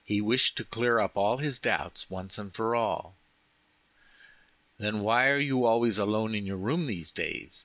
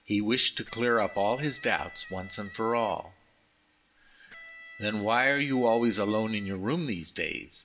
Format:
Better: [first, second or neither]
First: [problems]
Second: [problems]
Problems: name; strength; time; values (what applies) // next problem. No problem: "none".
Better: first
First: none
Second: background sound (Electric guitar); 19 dB below the speech // room echo; dies away in 0.4 s